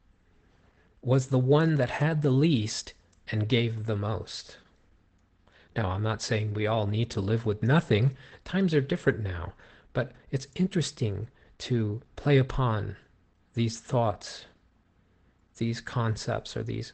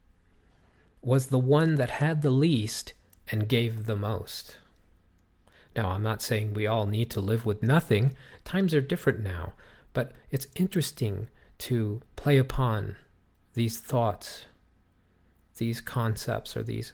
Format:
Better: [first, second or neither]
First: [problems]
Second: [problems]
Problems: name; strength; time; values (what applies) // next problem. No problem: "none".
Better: second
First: garbled, watery; badly; nothing above 8 kHz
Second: garbled, watery; slightly; nothing above 19 kHz